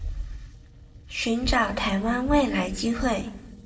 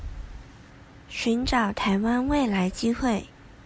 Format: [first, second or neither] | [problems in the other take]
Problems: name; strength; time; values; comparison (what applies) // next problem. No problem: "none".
second | noise reduction (neural separator model SepFormer DNS4)